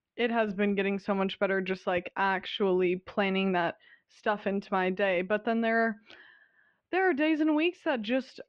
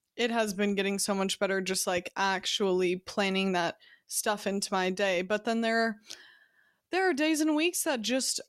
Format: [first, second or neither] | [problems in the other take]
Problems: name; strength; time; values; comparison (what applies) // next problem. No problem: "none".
second | muffled; very; fading above 3 kHz